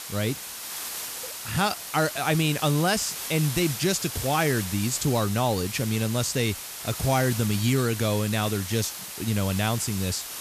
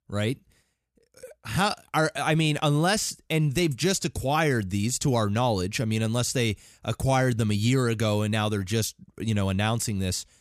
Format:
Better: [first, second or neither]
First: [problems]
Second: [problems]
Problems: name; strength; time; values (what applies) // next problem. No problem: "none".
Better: second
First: hiss; loud; throughout; 7 dB below the speech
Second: none